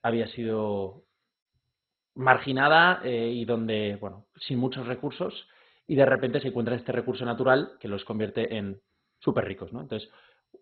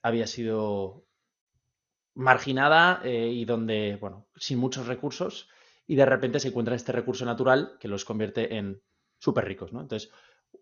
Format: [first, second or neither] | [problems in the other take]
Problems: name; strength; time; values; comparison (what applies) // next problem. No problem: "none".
second | garbled, watery; badly; nothing above 4 kHz; slightly in the second